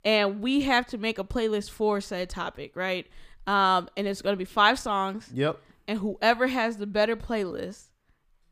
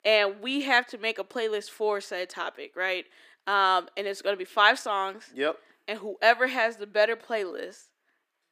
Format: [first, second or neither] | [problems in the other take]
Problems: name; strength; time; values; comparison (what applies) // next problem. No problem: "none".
first | thin; somewhat; fading below 300 Hz